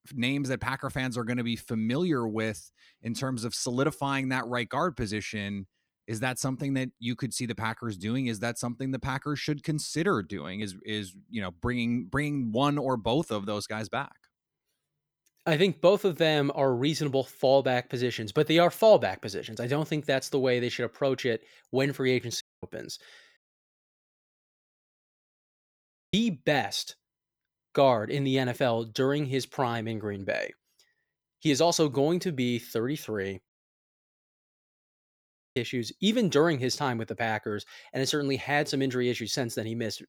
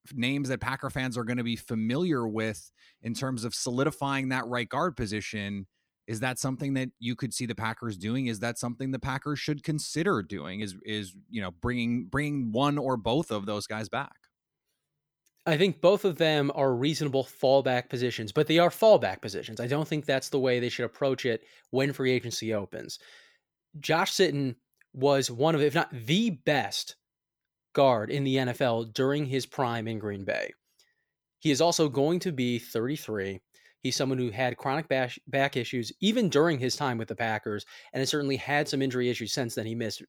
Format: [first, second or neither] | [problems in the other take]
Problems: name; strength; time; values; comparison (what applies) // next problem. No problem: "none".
second | audio cutting out; at 22 s, at 23 s for 3 s and at 33 s for 2 s